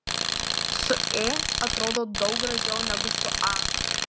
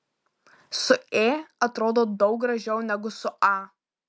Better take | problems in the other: second | background sound (Tools); 4 dB above the speech

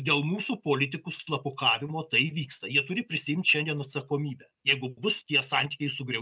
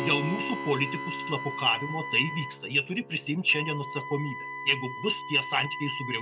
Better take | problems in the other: first | background sound (Wind instrument, woodwind instrument + Keyboard (musical)); 7 dB below the speech

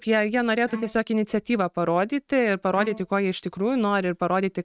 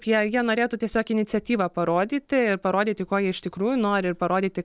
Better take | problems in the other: second | noise reduction (neural mask model RNNoise)

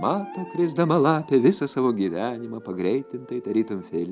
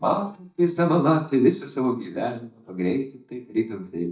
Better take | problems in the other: first | noise reduction (neural mask model DeepFilterNet 3)

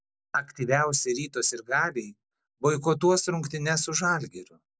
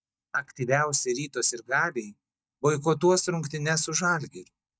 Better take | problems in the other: first | noise reduction (neural mask model DeepFilterNet 3)

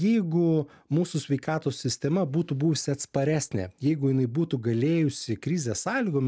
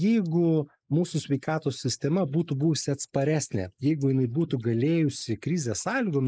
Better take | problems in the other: first | noise reduction (neural mask model Resemble Enhance denoiser)

